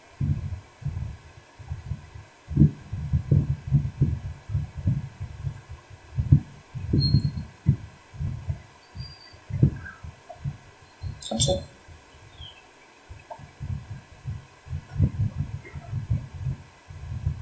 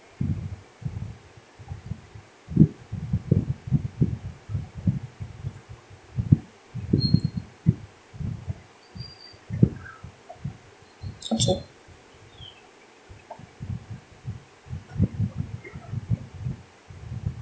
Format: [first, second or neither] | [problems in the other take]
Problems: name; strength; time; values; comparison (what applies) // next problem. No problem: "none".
second | room echo; dies away in 0.2 s